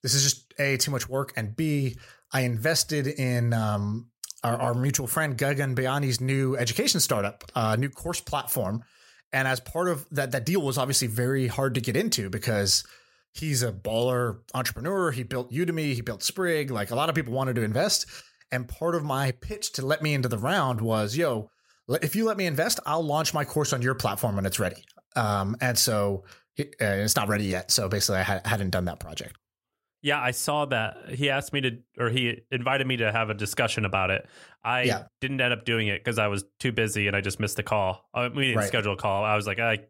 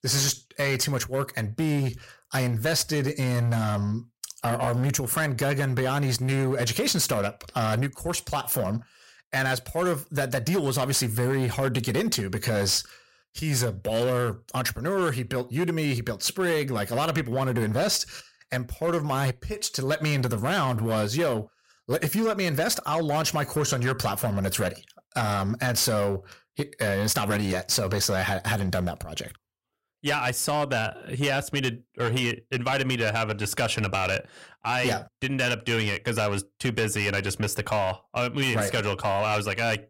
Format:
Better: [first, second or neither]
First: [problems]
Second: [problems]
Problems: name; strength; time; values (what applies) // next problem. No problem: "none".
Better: first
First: none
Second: distortion; slight; 10% of the sound clipped